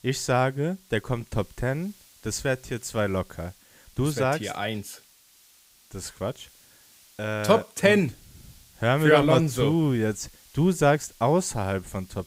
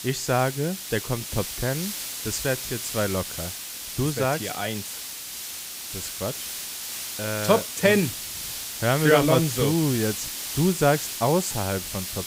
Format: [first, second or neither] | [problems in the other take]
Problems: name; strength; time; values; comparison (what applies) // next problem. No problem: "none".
first | hiss; loud; throughout; 6 dB below the speech; faint in the first